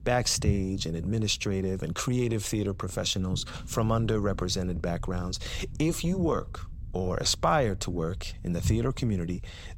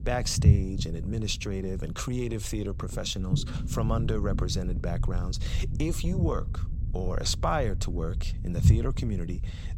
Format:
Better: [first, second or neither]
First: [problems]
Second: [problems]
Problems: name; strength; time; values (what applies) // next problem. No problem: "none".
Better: first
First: low rumble; faint; throughout; 20 dB below the speech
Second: low rumble; loud; throughout; 9 dB below the speech